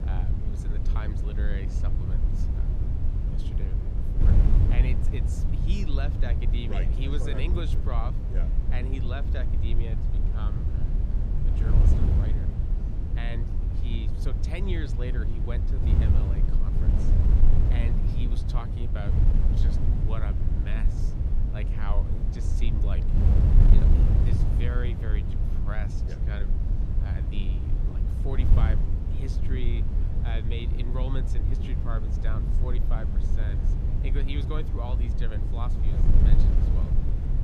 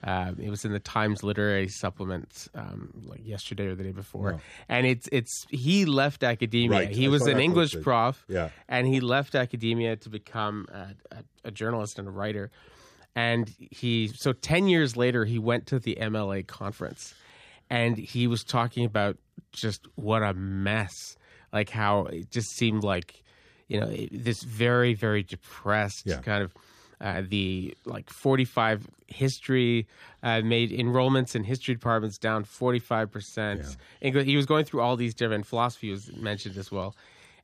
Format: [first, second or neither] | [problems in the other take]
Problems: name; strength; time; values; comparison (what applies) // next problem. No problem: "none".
second | wind noise on the microphone; heavy; as loud as the speech